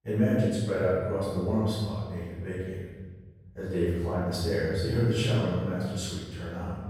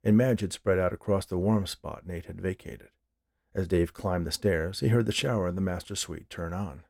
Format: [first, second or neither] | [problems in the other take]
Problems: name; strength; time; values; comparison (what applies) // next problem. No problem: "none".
second | off-mic speech; far // room echo; strong; dies away in 1.5 s